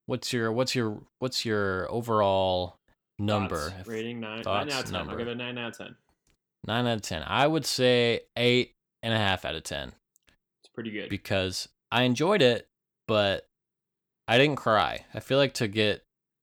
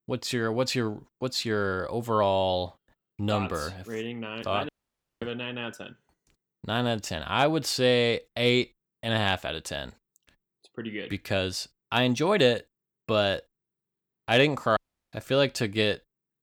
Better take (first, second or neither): first